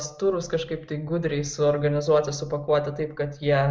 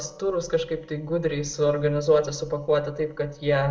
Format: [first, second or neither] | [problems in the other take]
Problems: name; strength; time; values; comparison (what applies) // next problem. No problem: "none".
first | noise reduction (neural separator model SepFormer DNS4)